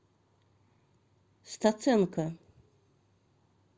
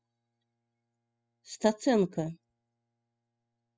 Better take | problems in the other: first | noise reduction (classical method spectral subtraction)

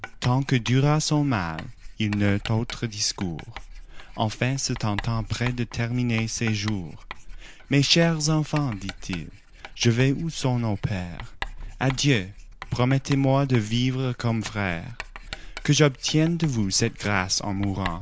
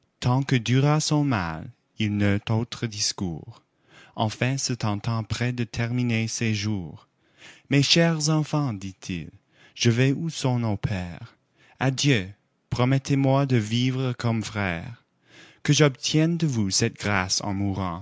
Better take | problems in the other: second | background sound (Writing); 14 dB below the speech

